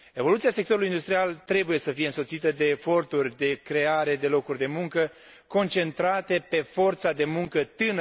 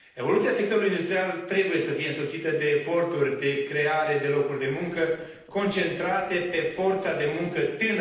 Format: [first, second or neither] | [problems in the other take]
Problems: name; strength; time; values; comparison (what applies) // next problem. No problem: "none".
first | noise reduction (neural separator model SepFormer DNS4)